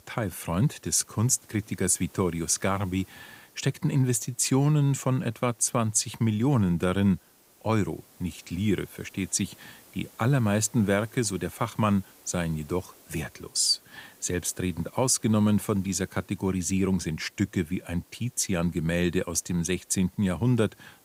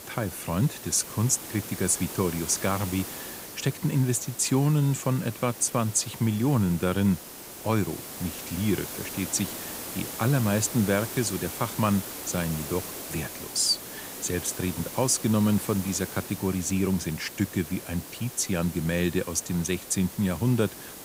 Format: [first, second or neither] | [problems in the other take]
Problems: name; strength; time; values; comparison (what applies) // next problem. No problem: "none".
first | hiss; loud; throughout; 10 dB below the speech; faint in the first